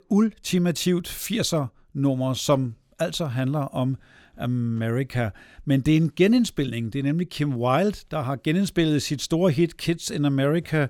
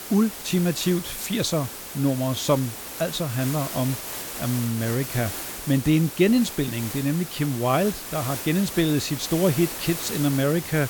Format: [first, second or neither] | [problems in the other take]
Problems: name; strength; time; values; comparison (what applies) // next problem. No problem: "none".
first | hiss; loud; throughout; 8 dB below the speech